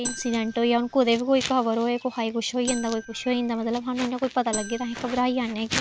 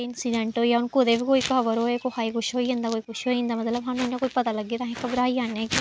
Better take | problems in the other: second | background sound (Marimba, xylophone); 10 dB below the speech

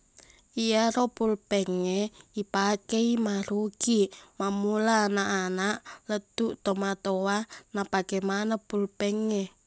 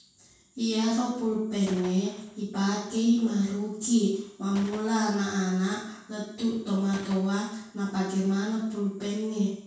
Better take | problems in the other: first | background sound (Gunshot, gunfire); 18 dB below the speech // room echo; dies away in 0.6 s

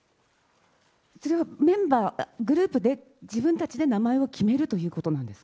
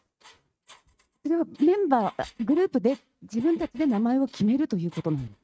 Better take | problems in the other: first | noise reduction (neural mask model RNNoise)

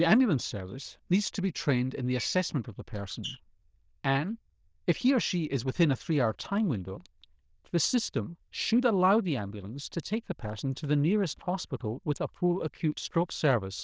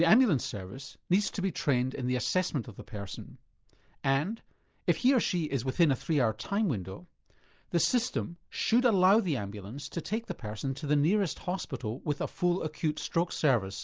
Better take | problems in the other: second | noise reduction (neural diffusion model UNIVERSE++)

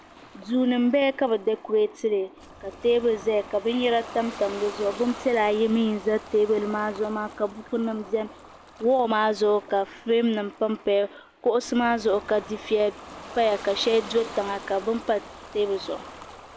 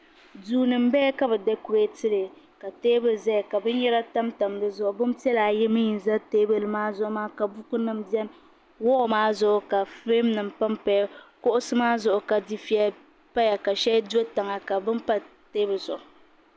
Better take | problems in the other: second | background sound (Ocean); 18 dB below the speech

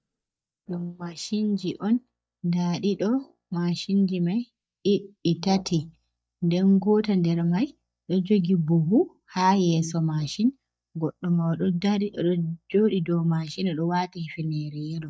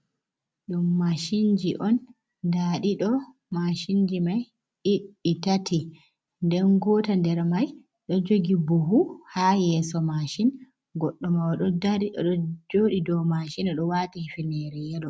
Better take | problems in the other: second | noise reduction (neural mask model DeepFilterNet 3)

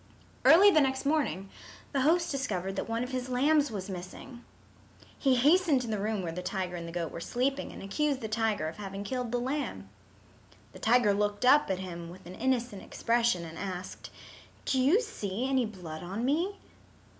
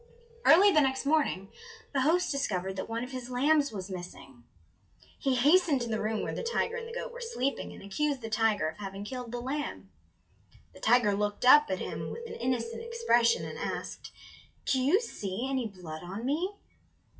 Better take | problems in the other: first | noise reduction (classical method WPE with log-MMSE)

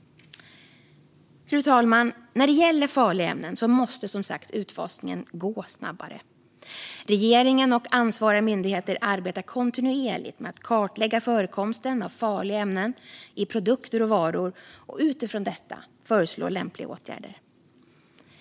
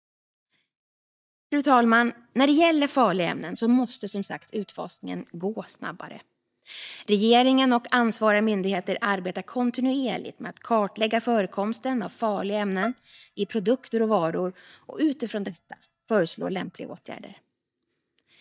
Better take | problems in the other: first | noise reduction (neural mask model DeepFilterNet 3)

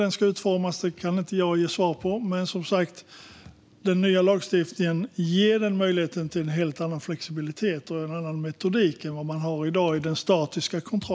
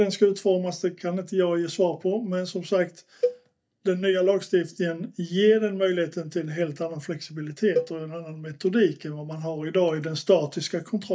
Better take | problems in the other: first | noise reduction (neural mask model DeepFilterNet 3)

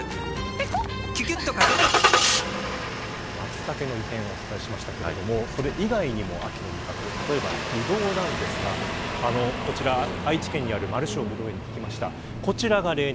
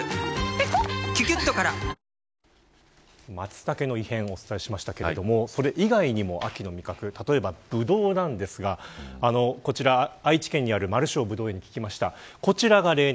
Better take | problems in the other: second | background sound (Engine starting); 1 dB above the speech

